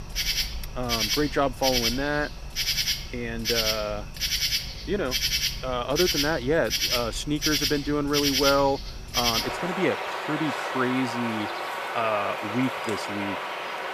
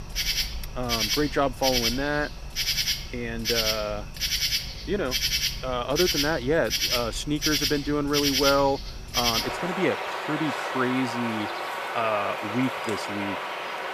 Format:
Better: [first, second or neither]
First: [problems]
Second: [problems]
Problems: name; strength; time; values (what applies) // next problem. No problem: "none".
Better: neither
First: animal sounds; very loud; throughout; 1 dB above the speech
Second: animal sounds; very loud; throughout; 1 dB above the speech